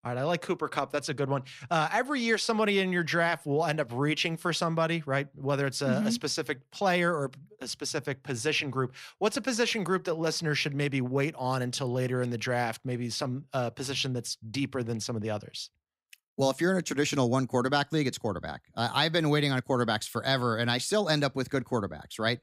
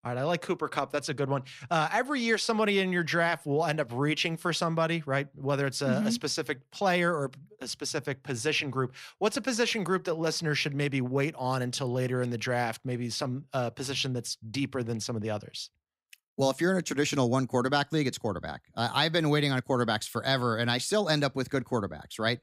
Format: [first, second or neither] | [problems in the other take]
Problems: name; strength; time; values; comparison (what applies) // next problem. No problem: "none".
neither | none